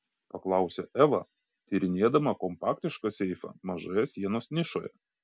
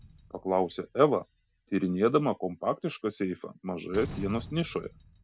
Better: first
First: none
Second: background sound (Slam); 18 dB below the speech

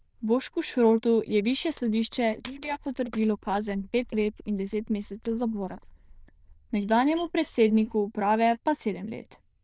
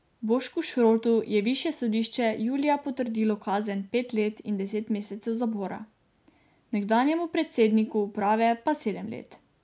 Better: second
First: noise reduction (neural diffusion model UNIVERSE++)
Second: none

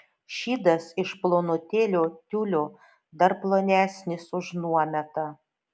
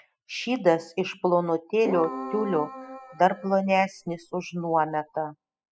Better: first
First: none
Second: noise reduction (classical method spectral subtraction)

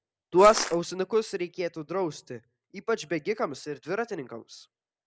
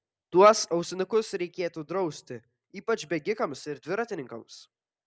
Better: second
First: background sound (Crushing); 6 dB below the speech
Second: none

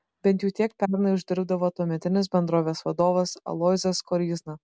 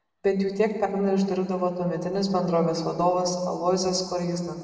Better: first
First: none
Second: room echo; dies away in 2.3 s

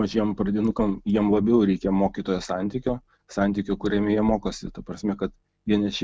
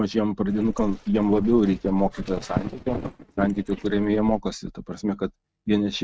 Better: first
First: none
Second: noise reduction (neural mask model RNNoise)

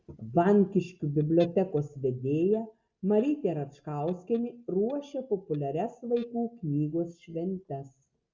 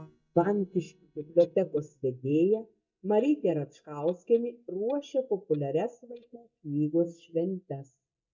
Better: first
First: none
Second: noise reduction (neural mask model DeepFilterNet 3)

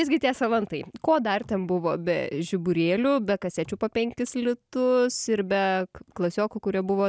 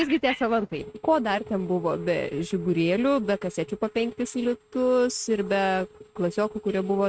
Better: first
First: none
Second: noise reduction (neural mask model RNNoise)

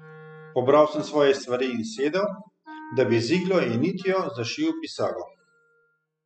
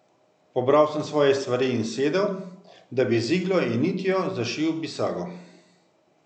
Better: second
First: noise reduction (classical method spectral subtraction)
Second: none

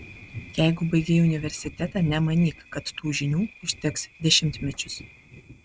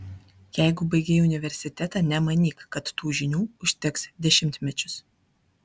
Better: second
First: noise reduction (neural mask model RNNoise)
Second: none

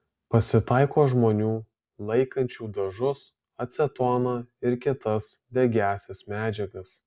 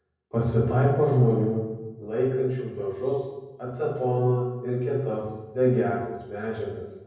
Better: first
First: none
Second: room echo; dies away in 1.1 s

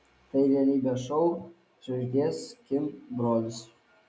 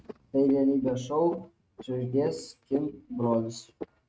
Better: first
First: none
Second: noise reduction (neural mask model RNNoise)

